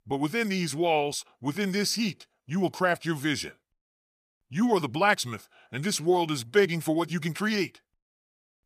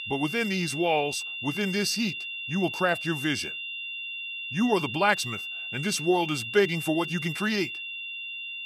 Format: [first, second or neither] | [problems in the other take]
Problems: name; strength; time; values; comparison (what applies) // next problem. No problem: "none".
first | high-pitched whine; loud; throughout; 3 kHz, 6 dB below the speech